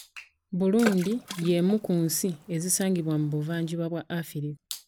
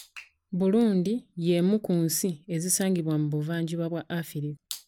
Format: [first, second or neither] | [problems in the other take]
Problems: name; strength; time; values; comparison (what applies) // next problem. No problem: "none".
second | background sound (Water / Splash, splatter); 13 dB below the speech